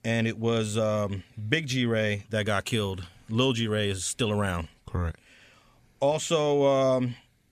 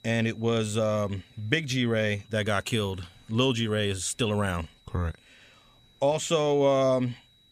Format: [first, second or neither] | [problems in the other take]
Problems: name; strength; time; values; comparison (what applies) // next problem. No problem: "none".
first | high-pitched whine; faint; throughout; 4 kHz, 35 dB below the speech